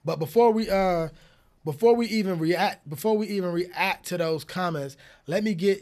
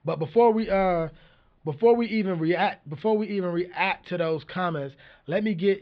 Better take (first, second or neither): first